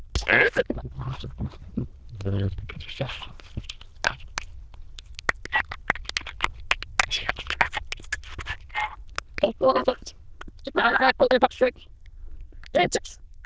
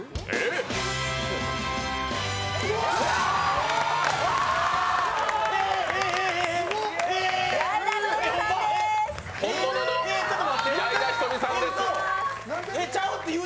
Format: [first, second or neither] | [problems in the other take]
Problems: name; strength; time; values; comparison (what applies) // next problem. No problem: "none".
second | noise reduction (neural diffusion model UNIVERSE++)